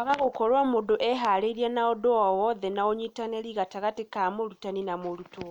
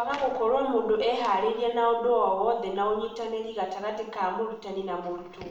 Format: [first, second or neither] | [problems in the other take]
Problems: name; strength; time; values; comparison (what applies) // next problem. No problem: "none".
first | room echo; dies away in 0.7 s